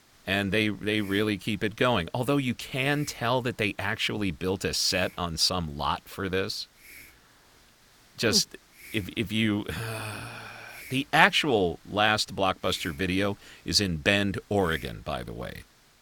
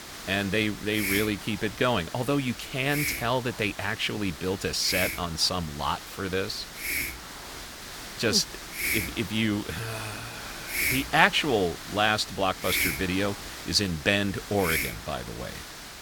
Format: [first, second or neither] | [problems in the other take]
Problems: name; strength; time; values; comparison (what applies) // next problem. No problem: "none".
first | hiss; loud; throughout; 6 dB below the speech; faint in the first